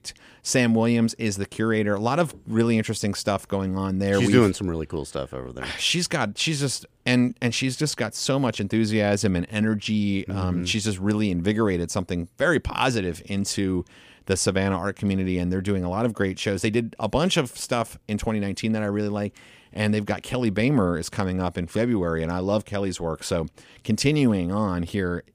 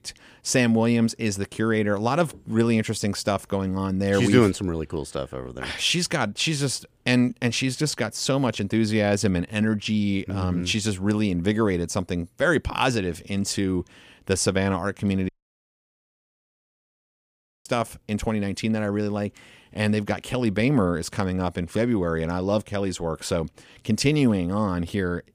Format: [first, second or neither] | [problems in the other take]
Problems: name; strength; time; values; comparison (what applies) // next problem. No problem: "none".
first | audio cutting out; at 15 s for 2.5 s